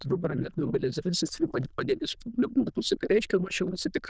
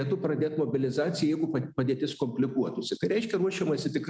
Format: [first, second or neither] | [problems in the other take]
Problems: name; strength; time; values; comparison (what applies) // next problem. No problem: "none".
second | noise reduction (neural diffusion model UNIVERSE++)